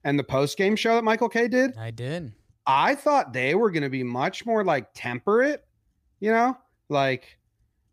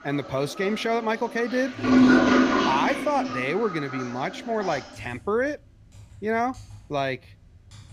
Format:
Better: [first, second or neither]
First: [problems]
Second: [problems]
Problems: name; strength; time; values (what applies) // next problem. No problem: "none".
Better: first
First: none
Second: household noises; very loud; throughout; 5 dB above the speech